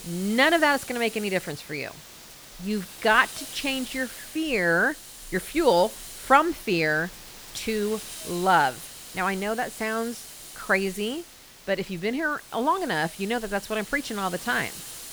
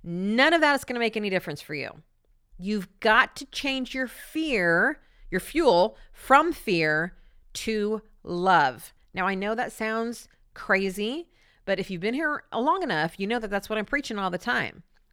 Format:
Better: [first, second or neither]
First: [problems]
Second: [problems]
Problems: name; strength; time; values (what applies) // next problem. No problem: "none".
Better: second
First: hiss; noticeable; throughout; 15 dB below the speech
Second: none